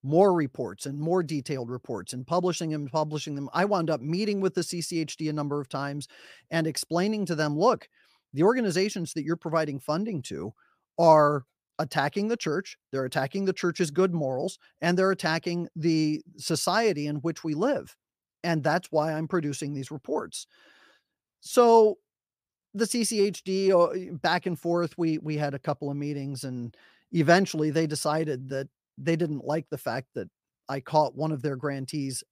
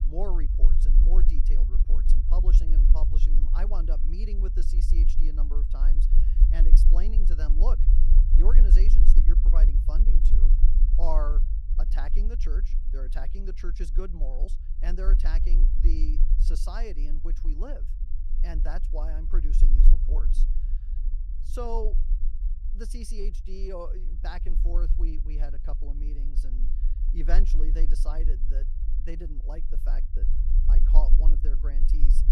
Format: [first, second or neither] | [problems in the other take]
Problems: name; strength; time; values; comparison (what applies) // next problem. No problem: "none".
first | low rumble; loud; throughout; 8 dB below the speech